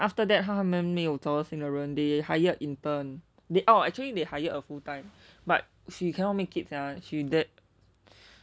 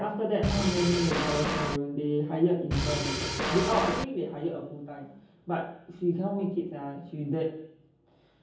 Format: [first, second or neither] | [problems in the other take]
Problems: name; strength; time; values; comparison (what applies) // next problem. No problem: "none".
first | background sound (Drum kit); 1 dB above the speech // room echo; dies away in 0.7 s